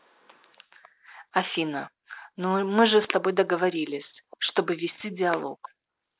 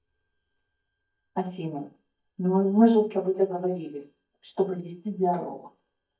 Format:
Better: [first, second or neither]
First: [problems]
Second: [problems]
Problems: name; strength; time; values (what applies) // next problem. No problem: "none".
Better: first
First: none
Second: noise reduction (neural mask model DeepFilterNet 3)